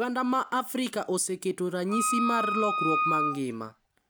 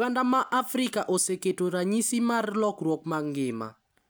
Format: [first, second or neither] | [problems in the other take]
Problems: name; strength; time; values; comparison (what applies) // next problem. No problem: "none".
second | background sound (Wind instrument, woodwind instrument); as loud as the speech